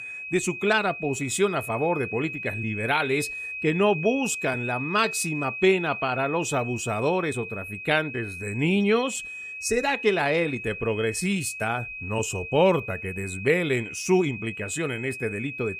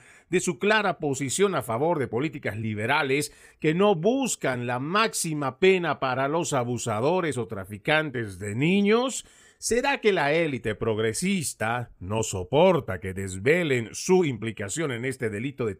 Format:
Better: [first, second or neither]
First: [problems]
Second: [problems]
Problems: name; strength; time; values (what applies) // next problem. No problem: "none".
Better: second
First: high-pitched whine; loud; throughout; 2.5 kHz, 8 dB below the speech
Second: none